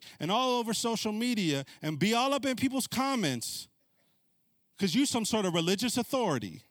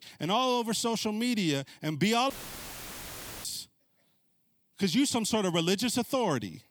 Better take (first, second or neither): first